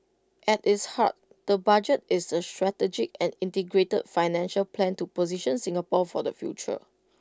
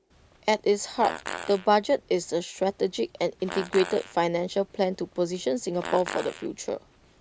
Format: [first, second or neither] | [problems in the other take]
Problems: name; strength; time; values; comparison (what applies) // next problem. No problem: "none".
first | background sound (Fart); 14 dB below the speech